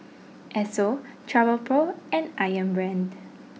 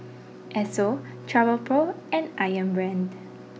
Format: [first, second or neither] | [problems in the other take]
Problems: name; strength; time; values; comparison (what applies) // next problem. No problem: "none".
first | background sound (Bowed string instrument); 17 dB below the speech